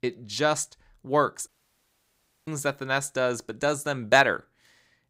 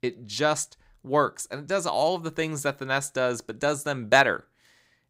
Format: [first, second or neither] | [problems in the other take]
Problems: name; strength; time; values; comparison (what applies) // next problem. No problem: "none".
second | audio cutting out; at 1.5 s for 1 s